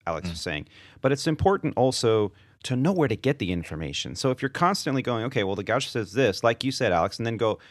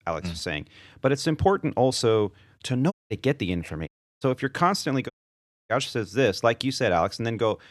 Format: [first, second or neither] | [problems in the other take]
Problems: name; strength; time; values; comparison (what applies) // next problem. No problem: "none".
first | audio cutting out; at 3 s, at 4 s and at 5 s for 0.5 s